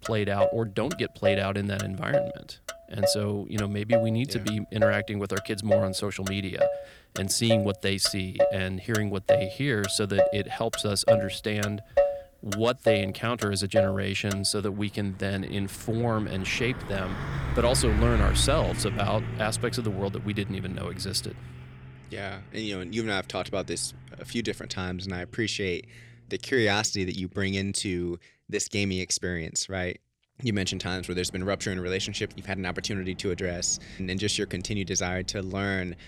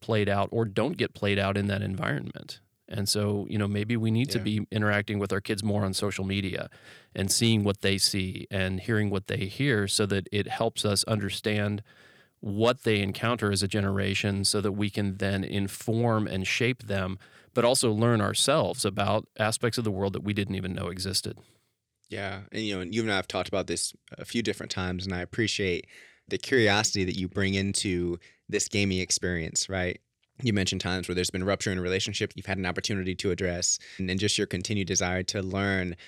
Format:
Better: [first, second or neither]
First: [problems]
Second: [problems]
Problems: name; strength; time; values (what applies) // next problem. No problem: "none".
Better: second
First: traffic noise; loud; throughout; 2 dB below the speech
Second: none